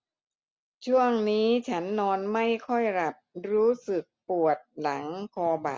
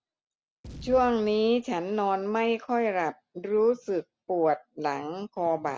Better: first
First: none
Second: background sound (Boom); 20 dB below the speech

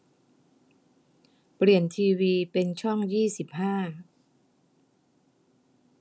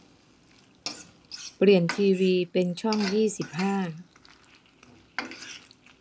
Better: first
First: none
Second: background sound (Frying (food)); 14 dB below the speech

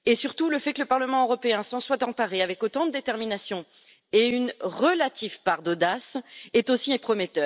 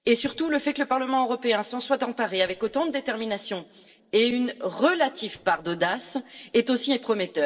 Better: first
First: none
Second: noise reduction (neural separator model SepFormer DNS4)

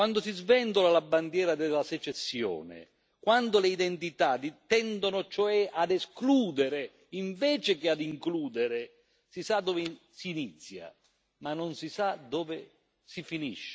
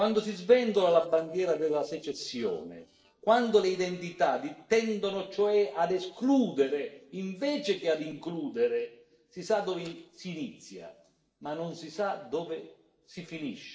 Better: first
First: none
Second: noise reduction (neural separator model SepFormer DNS4)

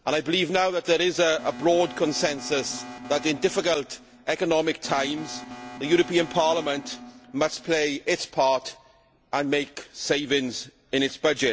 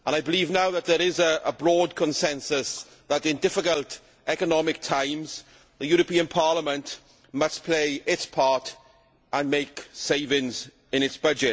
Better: second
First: background sound (Alarm); 15 dB below the speech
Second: none

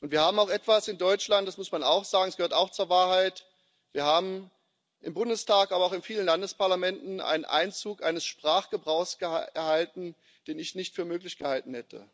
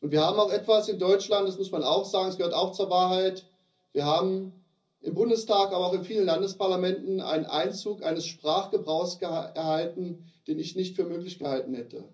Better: first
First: none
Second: room echo; dies away in 0.5 s

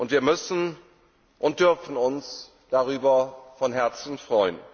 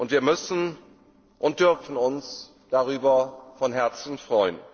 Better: first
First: none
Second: noise reduction (neural separator model SepFormer DNS4)

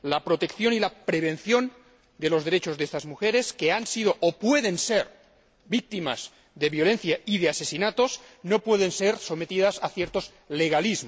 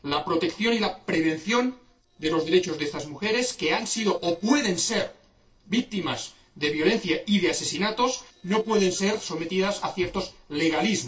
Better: first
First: none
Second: noise reduction (neural separator model SepFormer DNS4)

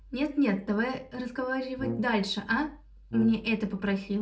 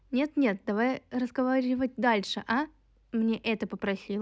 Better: second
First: background sound (Brass instrument); 9 dB below the speech // room echo; dies away in 0.3 s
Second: none

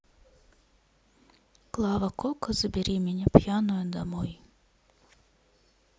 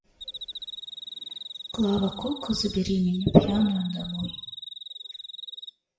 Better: first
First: none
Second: noise reduction (classical method WPE with log-MMSE)

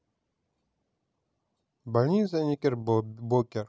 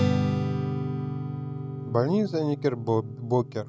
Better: first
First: none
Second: background sound (Strum); 1 dB below the speech

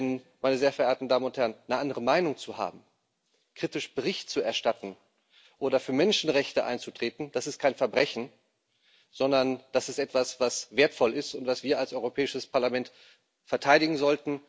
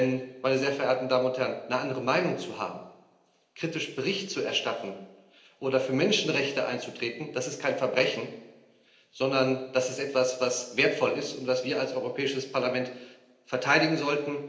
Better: first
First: none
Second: room echo; dies away in 0.8 s

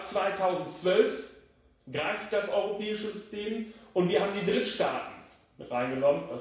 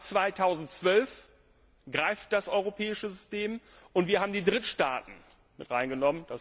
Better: second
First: room echo; dies away in 0.7 s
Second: none

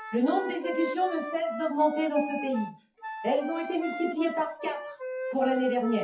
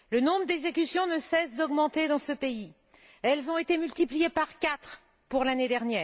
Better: second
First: noise reduction (classical method WPE with log-MMSE)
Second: none

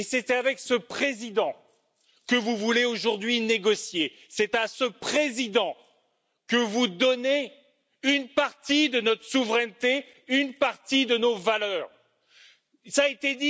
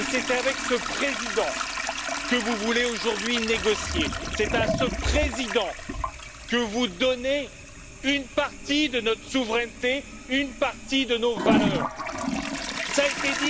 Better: first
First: none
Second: background sound (Toilet flush); 3 dB below the speech

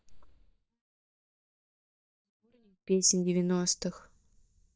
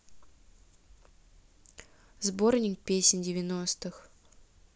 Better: second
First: noise reduction (neural mask model DeepFilterNet 3)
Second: none

